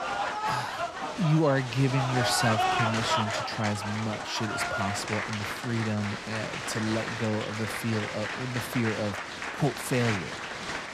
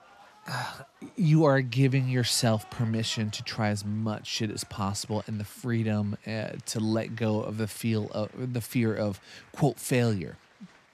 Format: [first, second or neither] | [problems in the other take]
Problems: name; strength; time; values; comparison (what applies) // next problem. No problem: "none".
second | crowd noise; loud; throughout; 1 dB below the speech; faint in the second